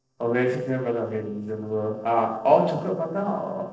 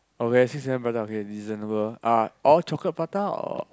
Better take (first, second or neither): second